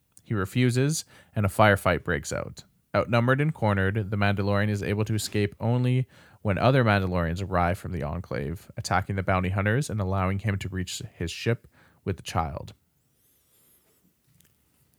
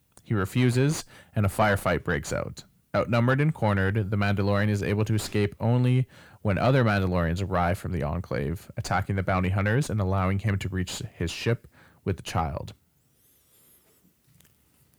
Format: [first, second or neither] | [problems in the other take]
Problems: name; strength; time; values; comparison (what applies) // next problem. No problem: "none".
first | distortion; slight; 10 dB below the speech